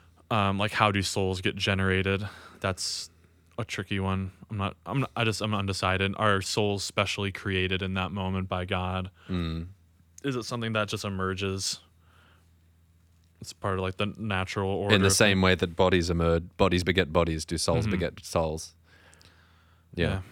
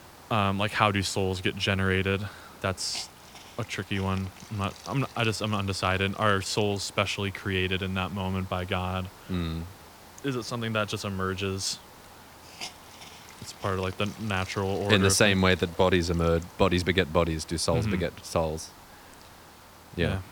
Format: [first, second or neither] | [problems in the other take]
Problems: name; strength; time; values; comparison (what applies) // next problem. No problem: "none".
first | hiss; noticeable; throughout; 20 dB below the speech